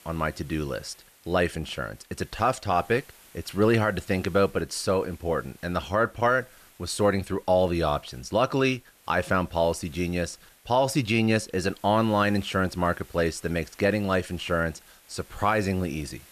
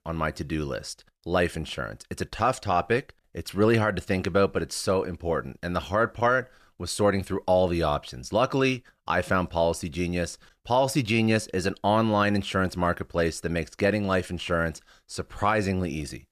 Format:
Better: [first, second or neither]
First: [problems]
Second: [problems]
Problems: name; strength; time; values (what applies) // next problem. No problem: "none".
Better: second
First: hiss; faint; throughout; 25 dB below the speech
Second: none